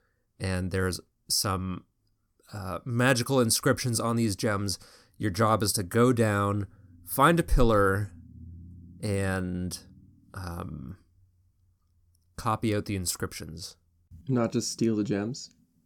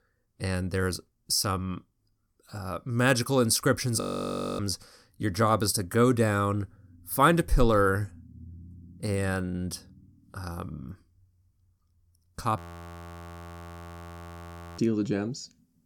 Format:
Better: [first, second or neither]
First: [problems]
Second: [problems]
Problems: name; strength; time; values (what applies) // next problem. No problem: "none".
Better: first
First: none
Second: audio freezing; at 4 s for 0.5 s and at 13 s for 2 s